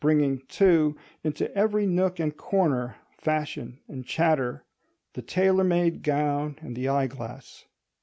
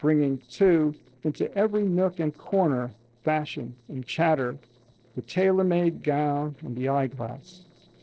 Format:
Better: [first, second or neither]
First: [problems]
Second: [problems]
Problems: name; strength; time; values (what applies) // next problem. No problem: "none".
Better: first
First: none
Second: noise reduction (neural separator model SepFormer DNS4)